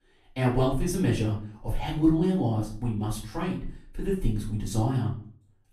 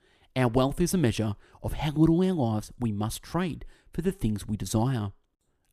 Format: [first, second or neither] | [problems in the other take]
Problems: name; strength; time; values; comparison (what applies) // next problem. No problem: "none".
second | off-mic speech; far // room echo; slight; dies away in 0.4 s